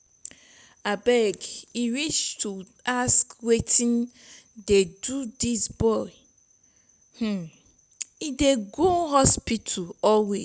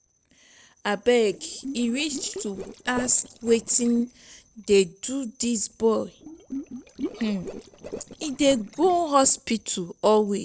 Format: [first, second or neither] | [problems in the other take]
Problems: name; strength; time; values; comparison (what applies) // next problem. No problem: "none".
first | noise reduction (neural separator model SepFormer DNS4)